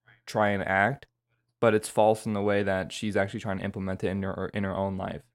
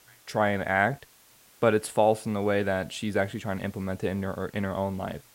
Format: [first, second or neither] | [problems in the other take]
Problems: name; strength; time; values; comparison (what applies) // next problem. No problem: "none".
first | hiss; faint; throughout; 25 dB below the speech